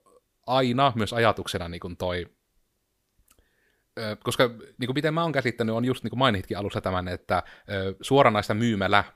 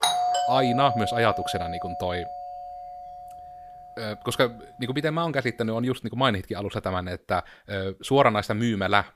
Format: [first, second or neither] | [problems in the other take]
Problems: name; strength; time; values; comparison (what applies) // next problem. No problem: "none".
first | doorbell; loud; until 2.5 s; peak 4 dB above the speech